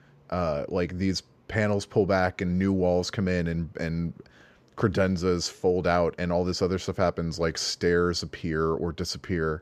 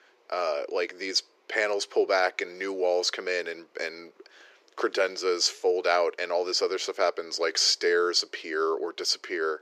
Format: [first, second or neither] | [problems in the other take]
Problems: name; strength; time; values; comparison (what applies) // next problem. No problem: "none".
first | thin; very; fading below 350 Hz